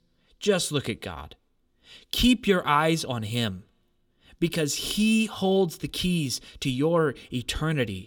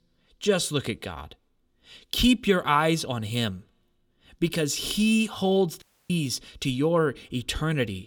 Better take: first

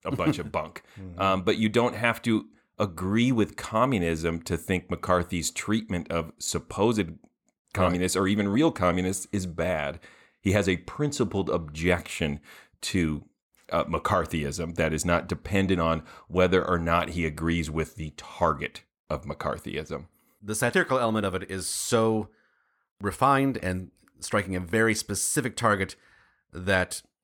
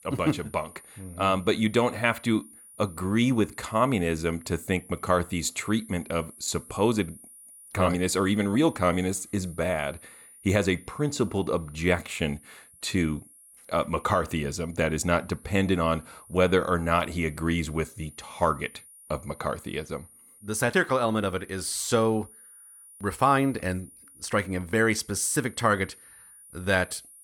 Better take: first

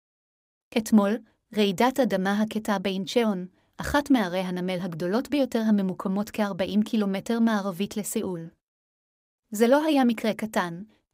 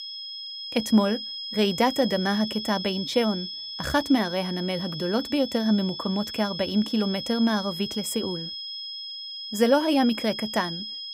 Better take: first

